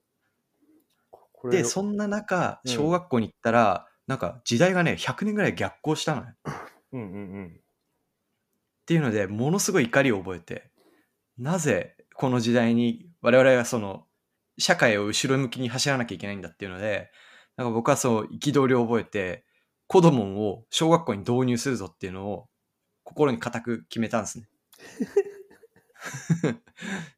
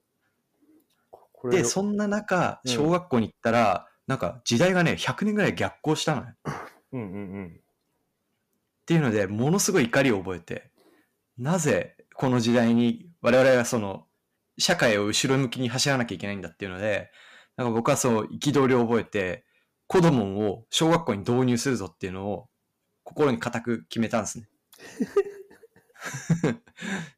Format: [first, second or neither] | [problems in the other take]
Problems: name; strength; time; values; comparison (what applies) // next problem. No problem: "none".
first | distortion; slight; 3% of the sound clipped